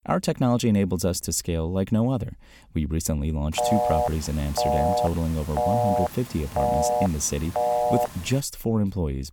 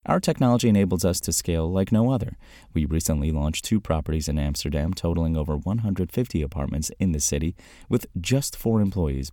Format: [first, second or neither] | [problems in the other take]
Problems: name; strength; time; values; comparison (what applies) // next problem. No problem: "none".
second | phone ringing; loud; from 3.5 to 8.5 s; peak 3 dB above the speech